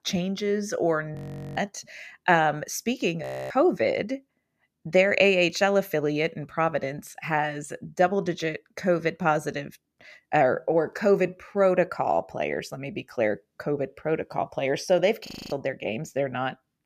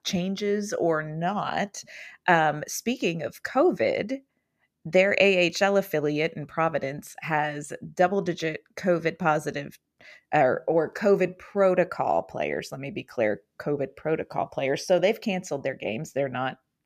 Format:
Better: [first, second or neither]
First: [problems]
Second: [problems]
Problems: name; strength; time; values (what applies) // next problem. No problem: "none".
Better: second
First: audio freezing; at 1 s, at 3 s and at 15 s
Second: none